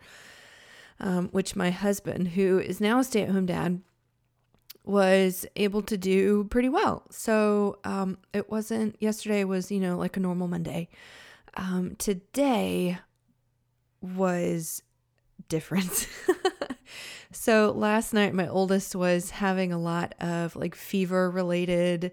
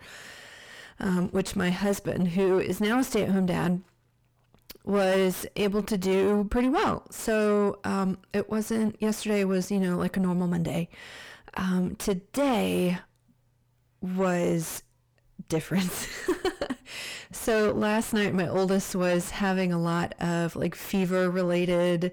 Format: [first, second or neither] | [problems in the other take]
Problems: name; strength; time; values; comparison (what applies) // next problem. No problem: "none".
first | distortion; heavy; 7 dB below the speech